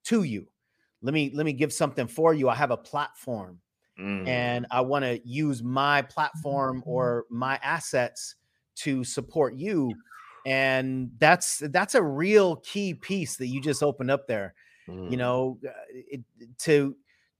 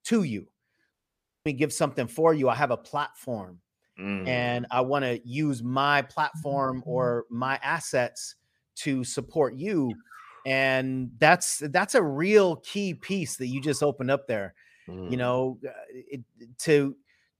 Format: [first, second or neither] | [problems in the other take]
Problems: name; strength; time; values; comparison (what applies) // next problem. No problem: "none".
first | audio cutting out; at 1 s for 0.5 s